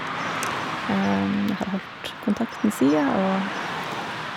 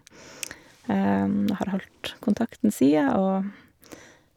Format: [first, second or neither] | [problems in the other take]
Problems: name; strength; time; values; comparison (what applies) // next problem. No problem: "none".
second | background sound (Car passing by / Traffic noise, roadway noise); 5 dB below the speech